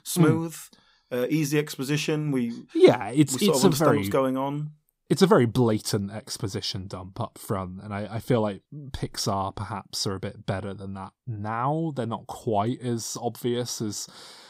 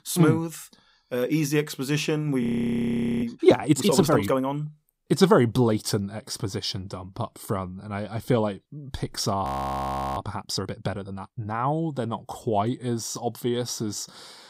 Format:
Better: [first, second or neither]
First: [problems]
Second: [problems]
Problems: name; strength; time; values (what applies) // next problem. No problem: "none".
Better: first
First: none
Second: audio freezing; at 2.5 s for 1 s and at 9.5 s for 0.5 s